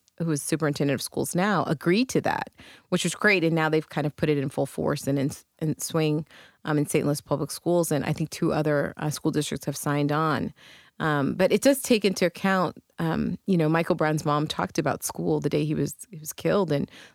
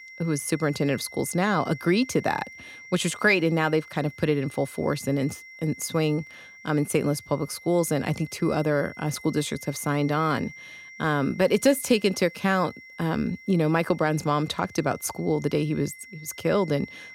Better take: first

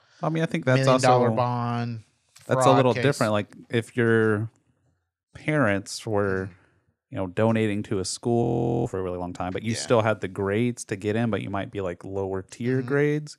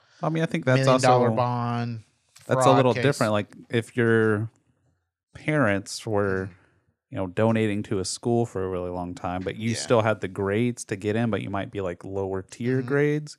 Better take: second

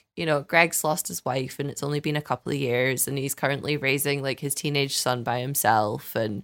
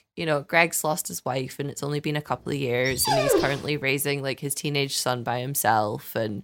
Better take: first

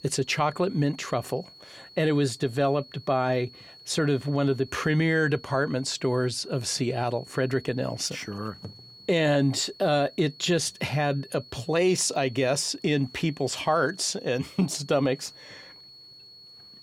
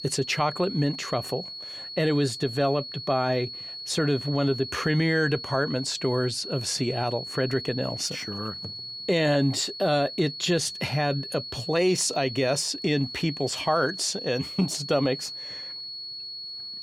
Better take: first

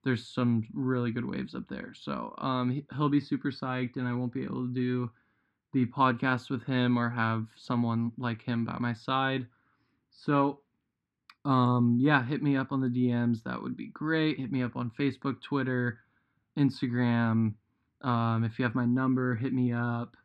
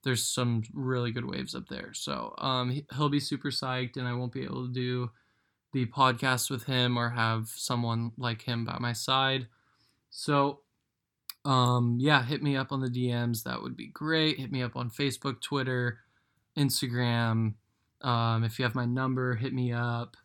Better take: second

